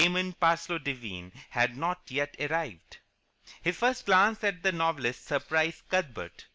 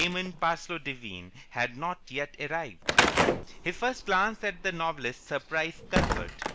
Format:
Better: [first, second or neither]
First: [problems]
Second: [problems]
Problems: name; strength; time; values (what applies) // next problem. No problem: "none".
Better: first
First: none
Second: background sound (Slam / Wood); as loud as the speech